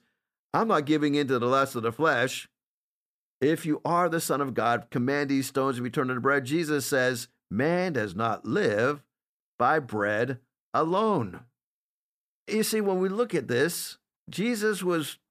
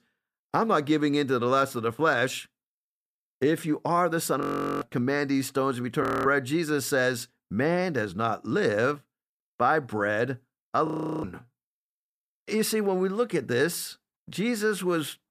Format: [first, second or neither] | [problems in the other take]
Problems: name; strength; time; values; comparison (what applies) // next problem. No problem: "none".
first | audio freezing; at 4.5 s, at 6 s and at 11 s